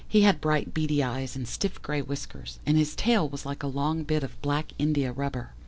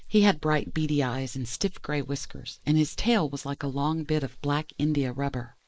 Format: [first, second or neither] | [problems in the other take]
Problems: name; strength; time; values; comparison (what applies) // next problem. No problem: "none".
first | noise reduction (neural mask model Resemble Enhance denoiser)